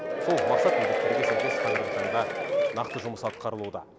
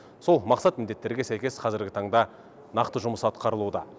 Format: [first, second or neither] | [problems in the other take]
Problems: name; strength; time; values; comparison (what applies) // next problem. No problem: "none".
second | background sound (Applause / Crowd / Cheering); 4 dB above the speech